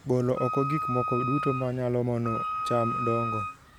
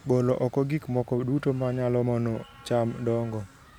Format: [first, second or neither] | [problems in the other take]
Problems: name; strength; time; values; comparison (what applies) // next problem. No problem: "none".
second | background sound (Wind instrument, woodwind instrument); 4 dB below the speech